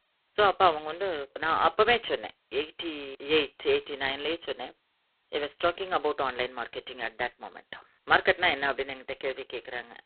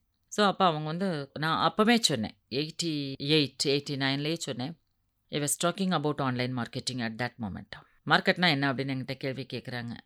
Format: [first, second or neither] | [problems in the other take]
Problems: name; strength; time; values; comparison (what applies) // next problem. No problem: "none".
second | phone-call audio; poor line